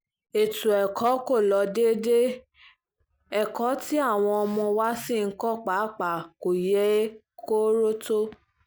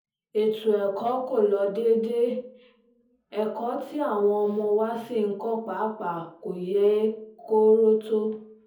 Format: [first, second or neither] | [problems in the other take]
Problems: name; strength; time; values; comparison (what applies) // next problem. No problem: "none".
first | room echo; dies away in 0.6 s